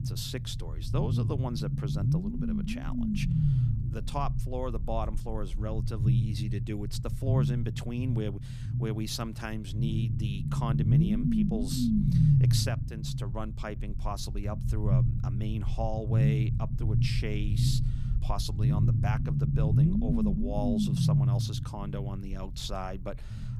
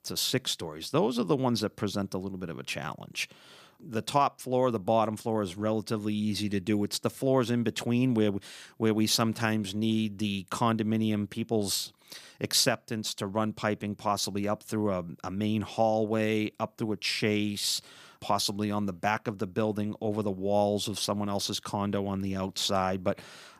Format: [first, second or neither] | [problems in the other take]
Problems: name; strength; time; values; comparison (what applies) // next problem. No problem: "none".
second | low rumble; loud; throughout; as loud as the speech